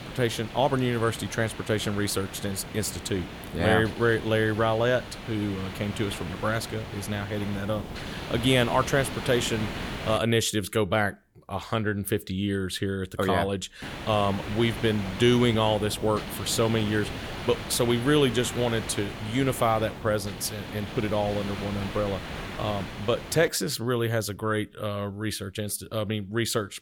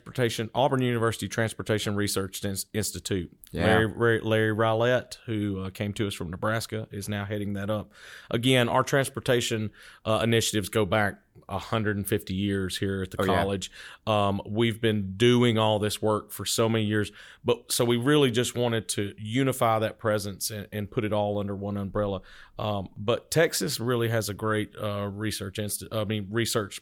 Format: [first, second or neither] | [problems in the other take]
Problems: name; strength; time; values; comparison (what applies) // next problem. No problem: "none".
second | hiss; loud; until 10 s and from 14 to 23 s; 10 dB below the speech